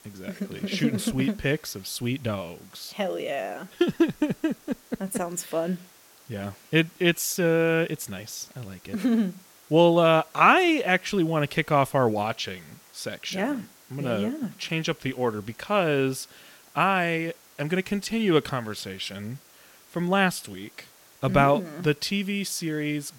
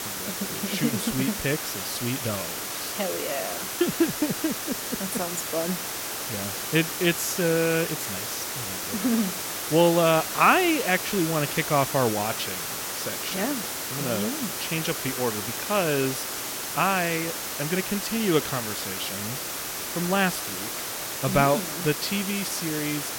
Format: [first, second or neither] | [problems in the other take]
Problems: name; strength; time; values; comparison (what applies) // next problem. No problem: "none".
first | hiss; loud; throughout; 3 dB below the speech; faint in the first